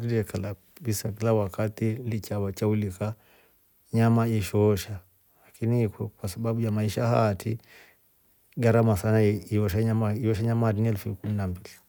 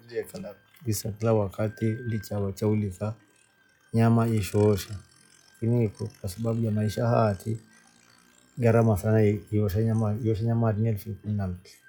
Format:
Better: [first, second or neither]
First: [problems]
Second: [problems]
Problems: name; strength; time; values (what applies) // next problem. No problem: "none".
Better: first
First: none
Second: noise reduction (classical method log-MMSE)